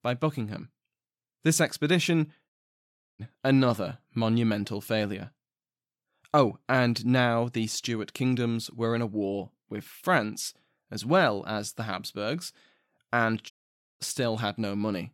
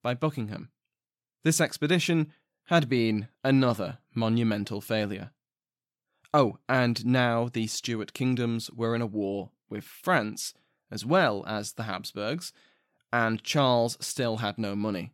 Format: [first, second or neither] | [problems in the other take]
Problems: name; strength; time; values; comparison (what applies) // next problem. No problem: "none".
second | audio cutting out; at 2.5 s for 0.5 s and at 14 s